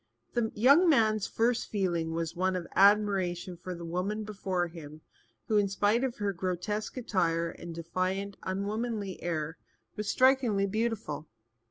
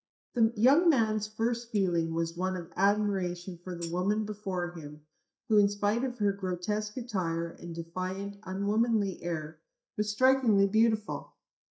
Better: first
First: none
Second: noise reduction (neural mask model DeepFilterNet 3)

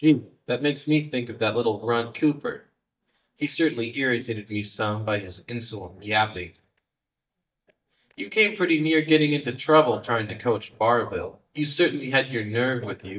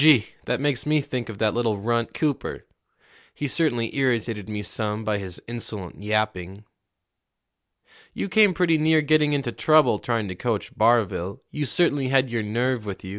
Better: second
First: noise reduction (neural mask model DeepFilterNet 3)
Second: none

